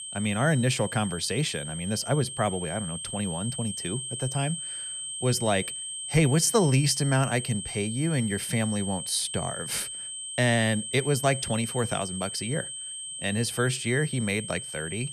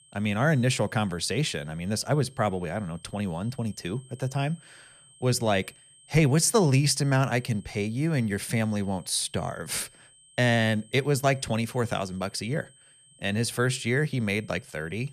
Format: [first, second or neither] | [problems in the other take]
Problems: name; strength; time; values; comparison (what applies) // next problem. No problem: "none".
second | high-pitched whine; loud; throughout; 8 kHz, 6 dB below the speech; faint in the second